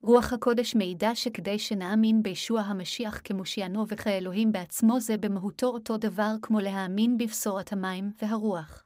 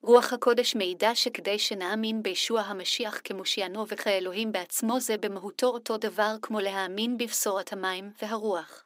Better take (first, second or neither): first